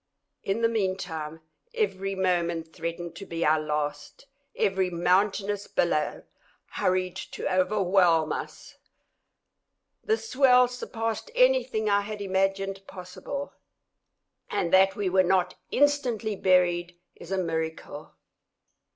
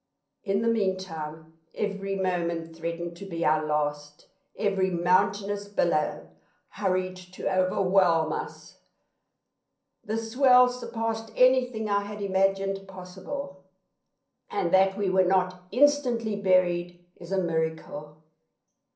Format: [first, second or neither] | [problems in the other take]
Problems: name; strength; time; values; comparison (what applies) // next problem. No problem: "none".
first | room echo; dies away in 0.6 s